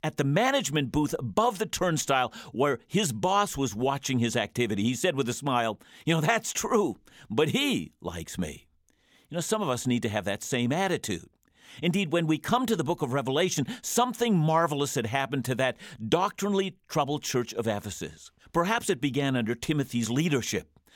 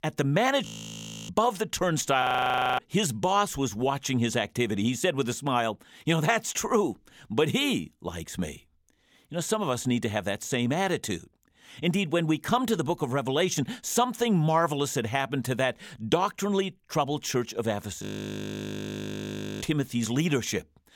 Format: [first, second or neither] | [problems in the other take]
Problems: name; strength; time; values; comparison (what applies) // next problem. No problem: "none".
first | audio freezing; at 0.5 s for 0.5 s, at 2 s for 0.5 s and at 18 s for 1.5 s